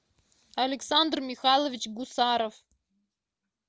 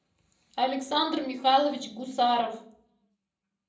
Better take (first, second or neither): first